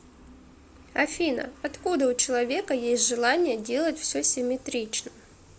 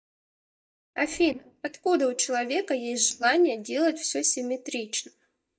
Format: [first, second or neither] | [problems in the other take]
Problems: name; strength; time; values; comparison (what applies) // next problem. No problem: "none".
first | noise reduction (neural mask model DeepFilterNet 3)